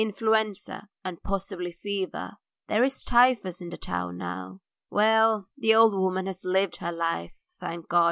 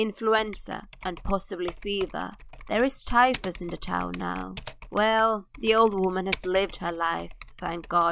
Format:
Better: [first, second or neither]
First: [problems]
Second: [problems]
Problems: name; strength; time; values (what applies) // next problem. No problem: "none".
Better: first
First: none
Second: background sound (Typing); 15 dB below the speech